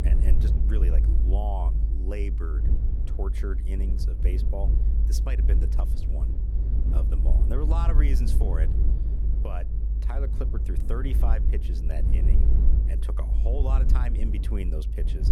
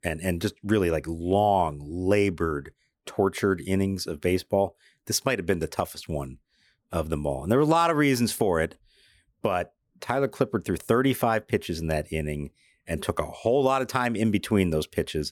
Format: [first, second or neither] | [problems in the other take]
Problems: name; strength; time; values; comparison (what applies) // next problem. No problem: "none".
second | low rumble; loud; throughout; 4 dB below the speech